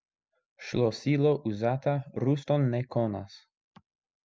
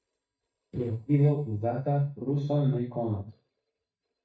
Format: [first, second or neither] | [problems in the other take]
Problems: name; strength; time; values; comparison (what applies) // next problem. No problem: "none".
first | noise reduction (neural mask model DeepFilterNet 3)